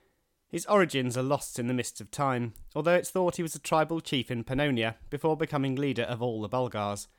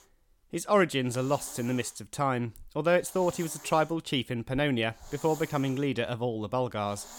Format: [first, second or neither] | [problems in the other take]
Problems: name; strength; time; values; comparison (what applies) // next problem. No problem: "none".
first | hiss; noticeable; throughout; 20 dB below the speech